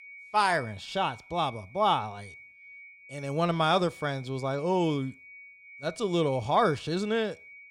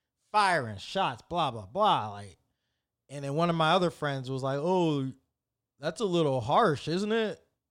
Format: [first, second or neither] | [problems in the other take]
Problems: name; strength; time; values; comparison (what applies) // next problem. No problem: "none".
second | high-pitched whine; noticeable; throughout; 2.5 kHz, 20 dB below the speech